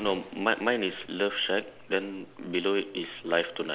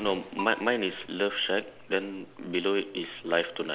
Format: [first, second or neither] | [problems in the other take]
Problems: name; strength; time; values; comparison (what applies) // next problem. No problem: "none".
first | background sound (Bell); 17 dB below the speech